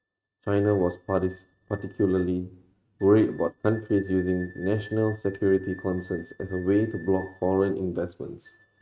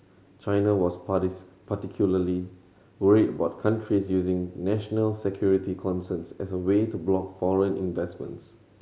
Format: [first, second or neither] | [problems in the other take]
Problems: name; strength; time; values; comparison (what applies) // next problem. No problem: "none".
second | noise reduction (neural mask model RNNoise)